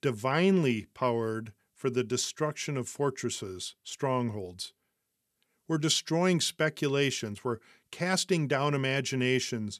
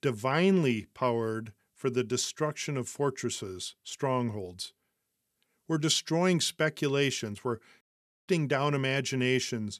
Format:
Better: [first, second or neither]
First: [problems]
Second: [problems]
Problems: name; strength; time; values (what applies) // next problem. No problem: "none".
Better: first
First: none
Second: audio cutting out; at 8 s